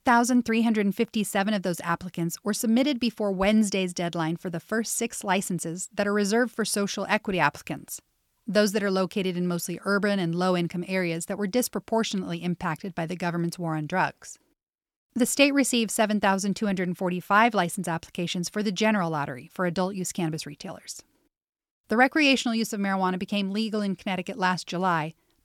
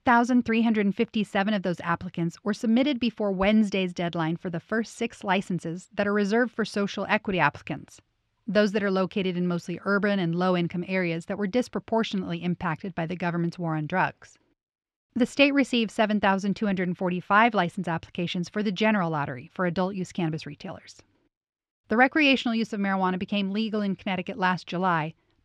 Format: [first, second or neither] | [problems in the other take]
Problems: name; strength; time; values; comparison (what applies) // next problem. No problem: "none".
first | muffled; slightly; fading above 3 kHz